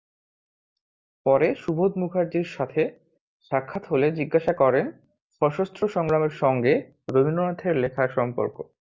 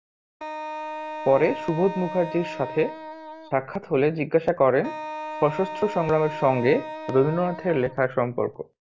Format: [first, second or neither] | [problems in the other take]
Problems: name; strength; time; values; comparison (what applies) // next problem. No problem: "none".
first | background sound (Wind instrument, woodwind instrument); 10 dB below the speech